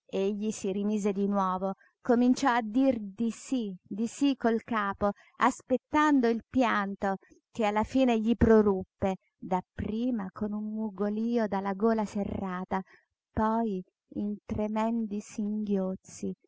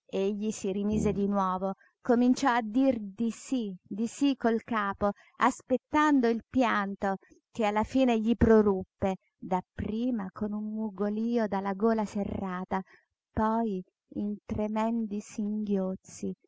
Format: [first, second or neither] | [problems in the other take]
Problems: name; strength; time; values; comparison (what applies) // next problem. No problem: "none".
first | background sound (Brass instrument); 7 dB below the speech